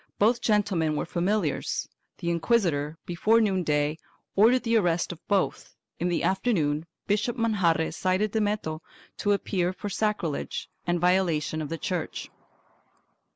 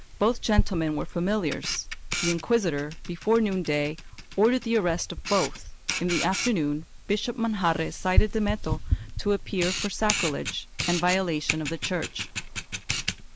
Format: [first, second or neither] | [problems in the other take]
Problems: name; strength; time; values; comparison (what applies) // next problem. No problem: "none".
first | background sound (Camera); 4 dB below the speech